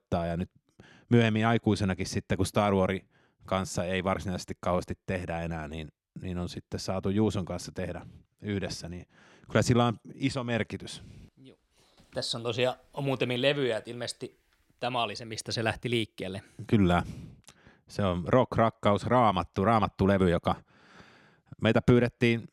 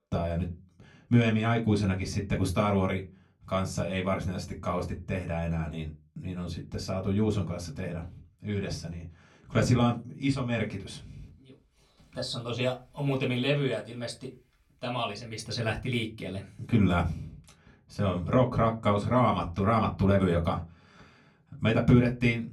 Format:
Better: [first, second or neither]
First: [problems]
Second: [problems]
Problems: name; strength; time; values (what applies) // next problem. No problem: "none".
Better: first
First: none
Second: off-mic speech; somewhat distant // room echo; very slight; dies away in 0.2 s